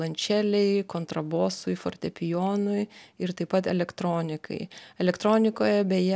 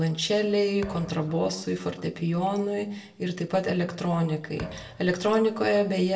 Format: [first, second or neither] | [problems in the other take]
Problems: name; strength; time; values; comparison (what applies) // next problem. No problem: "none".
first | background sound (Thump, thud); 18 dB below the speech // room echo; dies away in 0.6 s